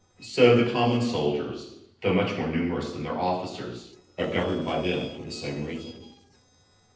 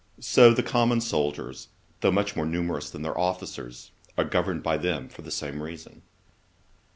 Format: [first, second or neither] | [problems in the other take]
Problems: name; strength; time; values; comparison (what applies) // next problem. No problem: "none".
second | noise reduction (neural separator model SepFormer DNS4)